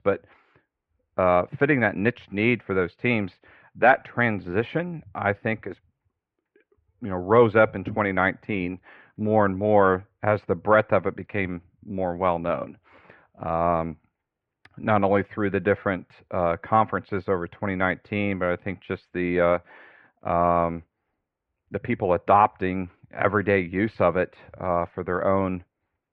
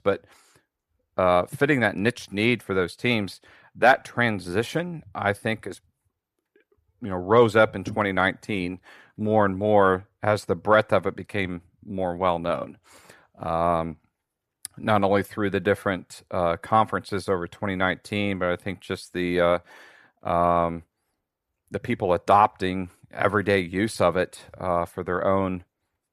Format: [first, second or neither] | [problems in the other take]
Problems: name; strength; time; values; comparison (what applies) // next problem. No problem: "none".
second | muffled; very; fading above 2.5 kHz